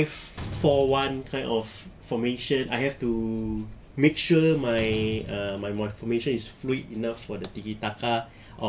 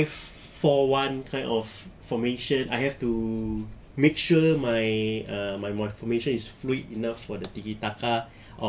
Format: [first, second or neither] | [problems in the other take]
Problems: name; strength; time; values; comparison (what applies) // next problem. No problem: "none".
second | background sound (Slam); 16 dB below the speech